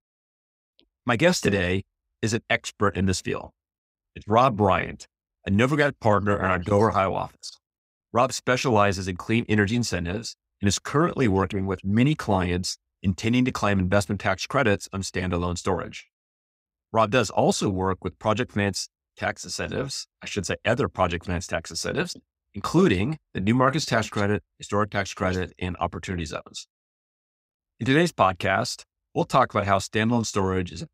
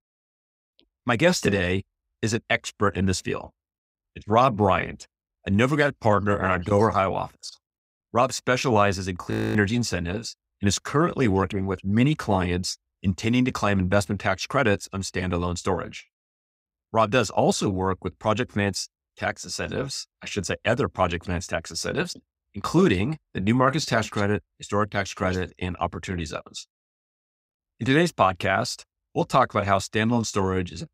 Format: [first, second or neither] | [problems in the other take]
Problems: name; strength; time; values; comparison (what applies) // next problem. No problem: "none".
first | audio freezing; at 9.5 s